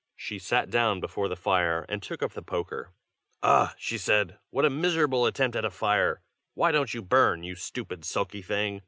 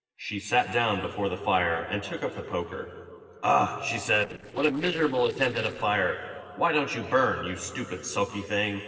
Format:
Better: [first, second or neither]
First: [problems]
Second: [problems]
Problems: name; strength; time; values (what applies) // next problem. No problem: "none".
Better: first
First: none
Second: noise reduction (neural separator model SepFormer DNS4)